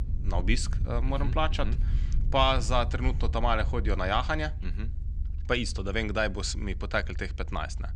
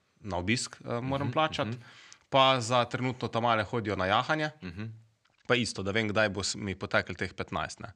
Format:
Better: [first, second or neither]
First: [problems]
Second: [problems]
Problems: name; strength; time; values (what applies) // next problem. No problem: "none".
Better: second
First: low rumble; faint; throughout; 20 dB below the speech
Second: none